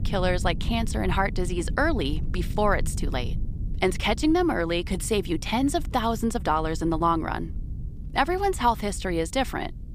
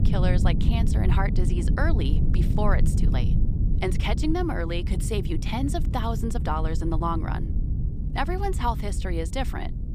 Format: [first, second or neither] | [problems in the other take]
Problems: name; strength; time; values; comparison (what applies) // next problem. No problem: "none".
first | low rumble; loud; throughout; 8 dB below the speech; faint in the first